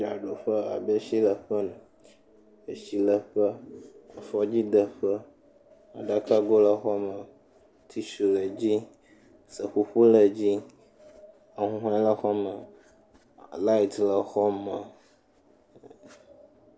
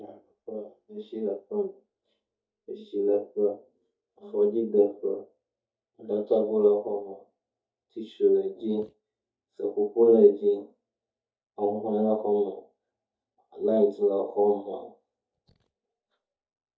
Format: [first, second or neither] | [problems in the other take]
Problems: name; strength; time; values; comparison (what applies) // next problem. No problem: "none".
first | noise reduction (neural mask model DeepFilterNet 3)